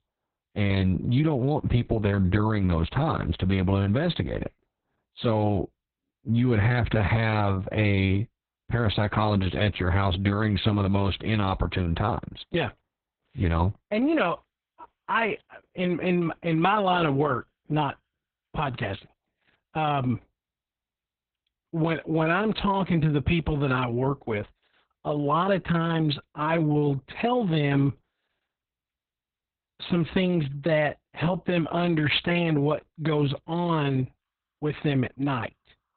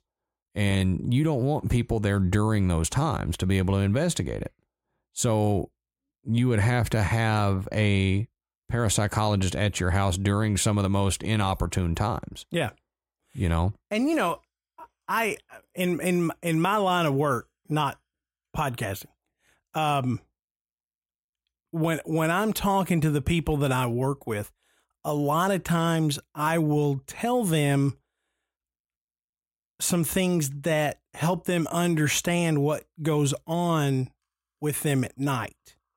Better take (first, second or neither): second